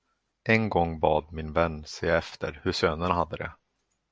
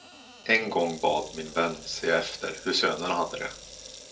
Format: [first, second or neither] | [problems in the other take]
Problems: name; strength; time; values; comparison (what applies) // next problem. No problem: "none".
first | background sound (Sink (filling or washing) / Water tap, faucet); 17 dB below the speech // room echo; dies away in 0.2 s